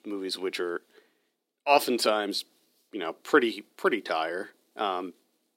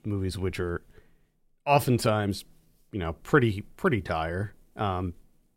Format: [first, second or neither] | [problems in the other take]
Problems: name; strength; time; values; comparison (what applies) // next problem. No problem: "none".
second | thin; somewhat; fading below 250 Hz